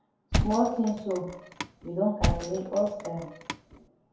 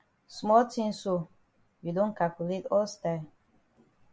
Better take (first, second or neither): second